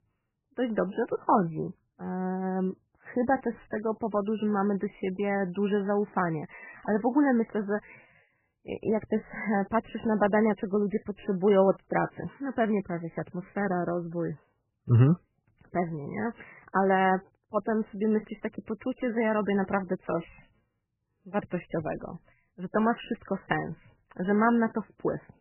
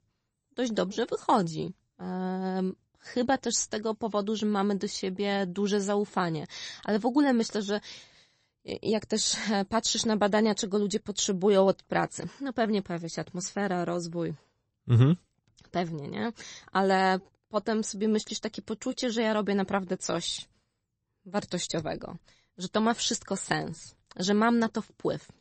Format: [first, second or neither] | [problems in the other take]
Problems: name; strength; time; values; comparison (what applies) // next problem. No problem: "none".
second | garbled, watery; badly; nothing above 3 kHz; slightly in the second